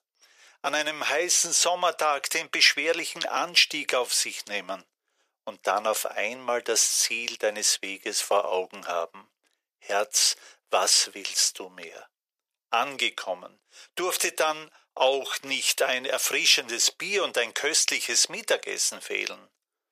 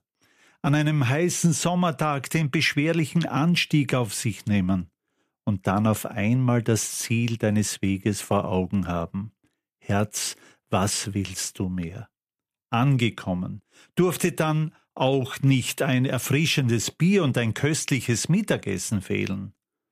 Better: second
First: thin; very; fading below 500 Hz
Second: none

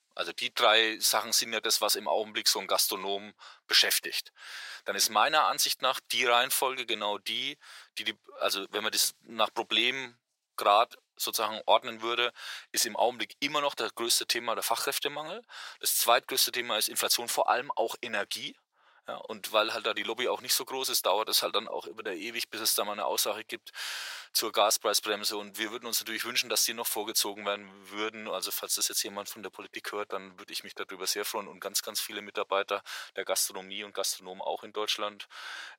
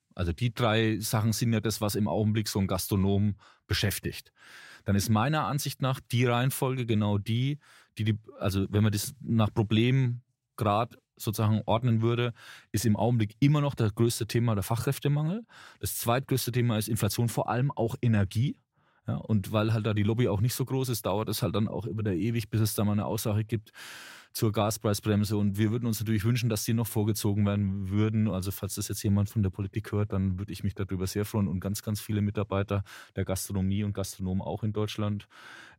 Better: second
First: thin; very; fading below 550 Hz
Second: none

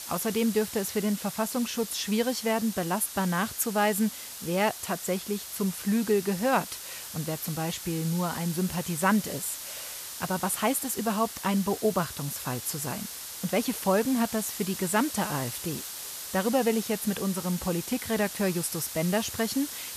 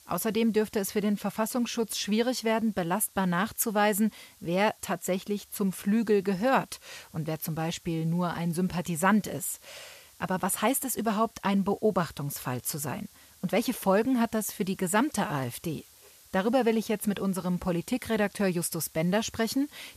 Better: second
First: hiss; loud; throughout; 8 dB below the speech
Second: hiss; faint; throughout; 25 dB below the speech

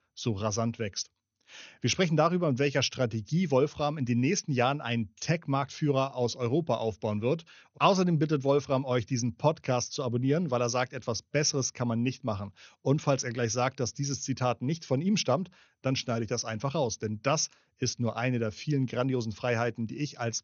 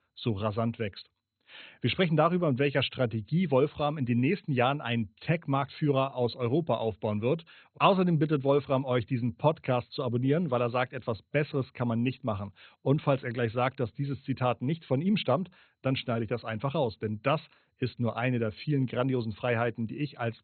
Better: first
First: garbled, watery; slightly; nothing above 6.5 kHz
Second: garbled, watery; badly; nothing above 4 kHz

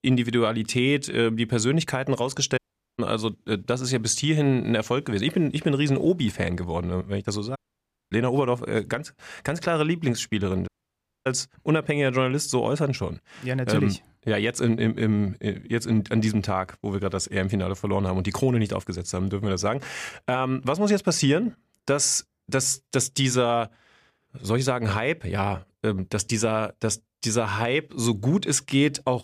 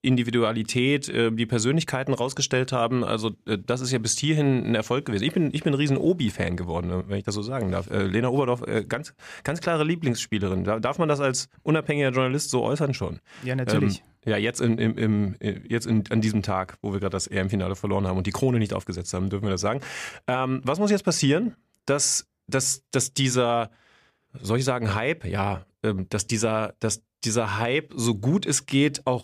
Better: second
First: audio cutting out; at 2.5 s, at 7.5 s for 0.5 s and at 11 s for 0.5 s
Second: none

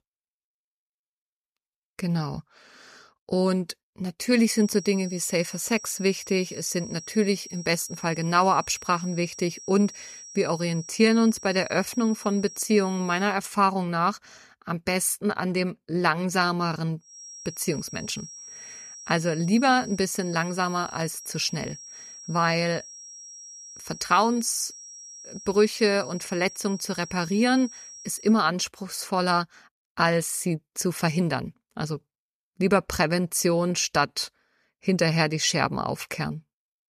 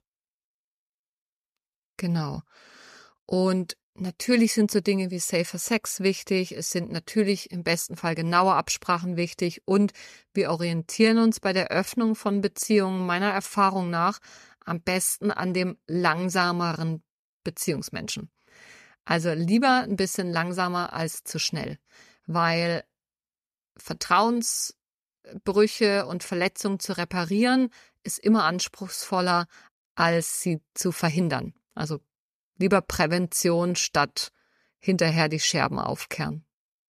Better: second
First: high-pitched whine; noticeable; from 4.5 to 13 s and from 17 to 28 s; 5.5 kHz, 15 dB below the speech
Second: none

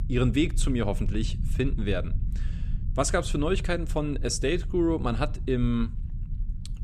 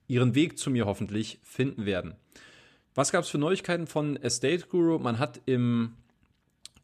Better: second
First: low rumble; noticeable; throughout; 20 dB below the speech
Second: none

